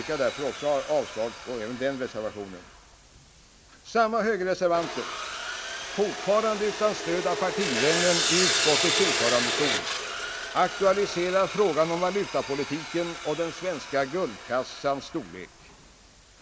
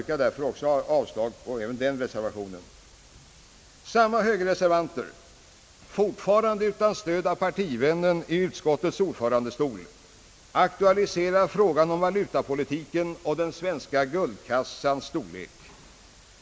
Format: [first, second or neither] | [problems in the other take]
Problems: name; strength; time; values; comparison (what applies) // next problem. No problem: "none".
second | background sound (Sawing); 4 dB below the speech